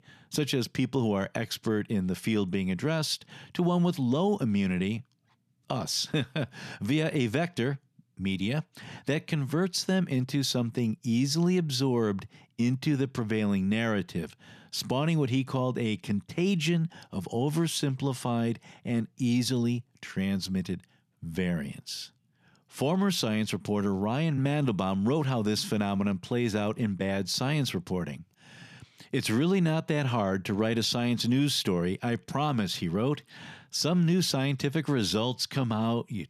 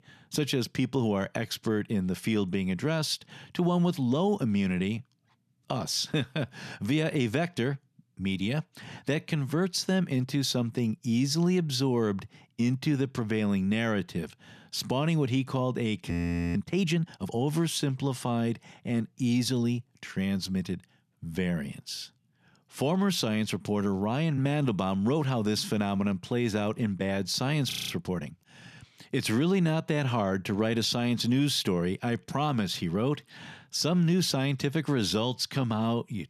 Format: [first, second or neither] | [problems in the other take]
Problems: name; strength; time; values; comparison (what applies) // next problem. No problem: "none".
first | audio freezing; at 16 s and at 28 s